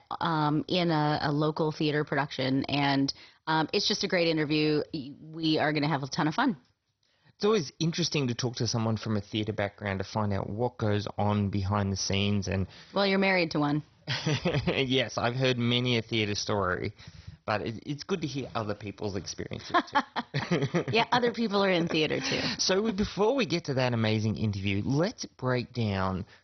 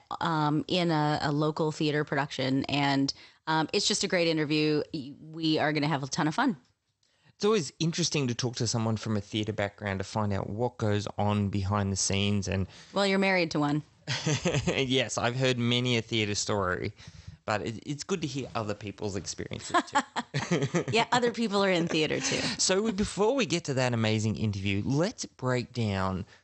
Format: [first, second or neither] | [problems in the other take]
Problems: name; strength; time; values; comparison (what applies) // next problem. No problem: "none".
second | garbled, watery; badly; nothing above 6 kHz; slightly in the second